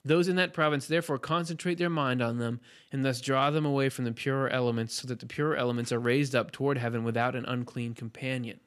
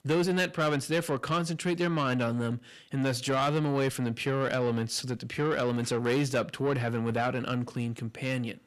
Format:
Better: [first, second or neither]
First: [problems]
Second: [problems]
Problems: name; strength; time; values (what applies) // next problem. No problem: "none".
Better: first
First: none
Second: distortion; slight; 10 dB below the speech